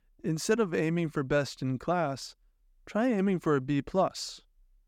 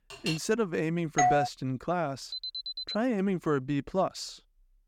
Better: first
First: none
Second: clattering dishes; noticeable; at the start; peak 5 dB below the speech // doorbell; loud; at 1 s; peak 5 dB above the speech // alarm; noticeable; at 2.5 s; peak 4 dB below the speech

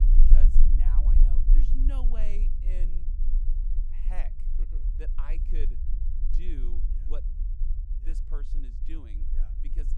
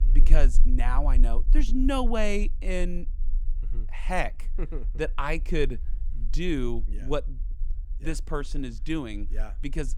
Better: second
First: low rumble; loud; throughout; 3 dB below the speech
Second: low rumble; faint; throughout; 25 dB below the speech

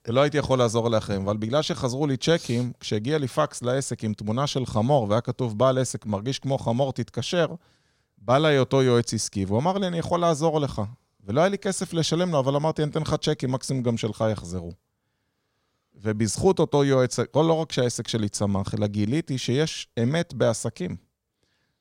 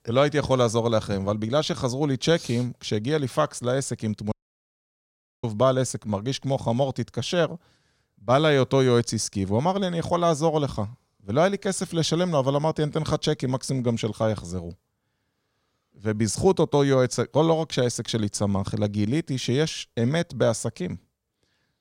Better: first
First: none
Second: audio cutting out; at 4.5 s for 1 s

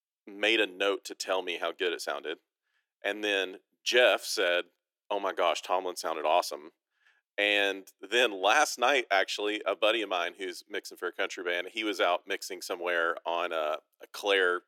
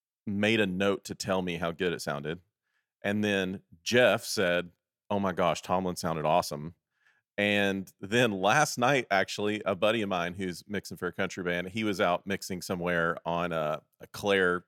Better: second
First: thin; very; fading below 300 Hz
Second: none

